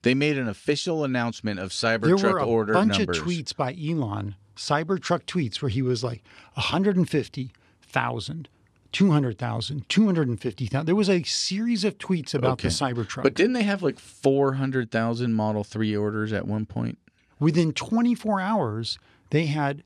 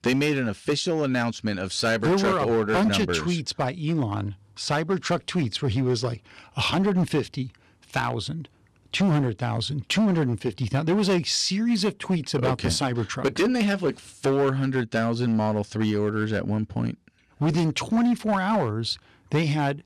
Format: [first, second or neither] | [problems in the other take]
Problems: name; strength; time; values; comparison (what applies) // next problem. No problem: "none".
first | distortion; slight; 9% of the sound clipped